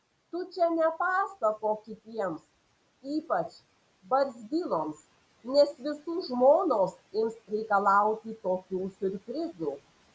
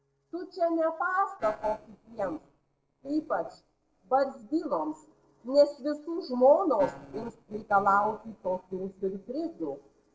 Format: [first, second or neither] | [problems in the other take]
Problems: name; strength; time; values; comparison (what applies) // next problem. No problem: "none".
first | noise reduction (neural separator model SepFormer DNS4)